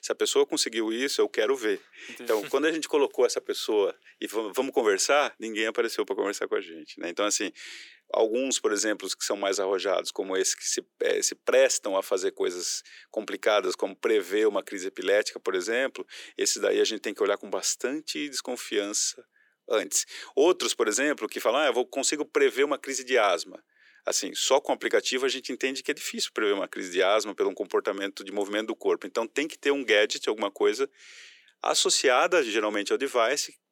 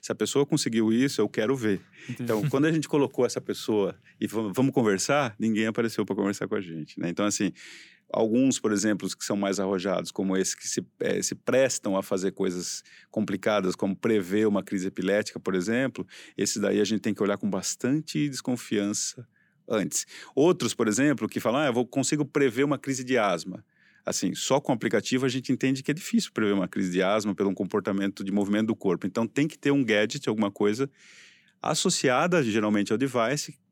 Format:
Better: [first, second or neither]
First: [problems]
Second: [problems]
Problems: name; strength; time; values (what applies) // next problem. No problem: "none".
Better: second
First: thin; somewhat; fading below 400 Hz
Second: none